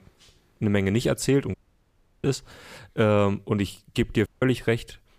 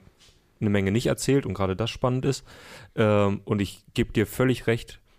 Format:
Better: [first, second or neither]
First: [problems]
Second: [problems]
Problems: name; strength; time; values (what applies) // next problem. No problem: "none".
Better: second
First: audio cutting out; at 1.5 s for 0.5 s and at 4.5 s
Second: none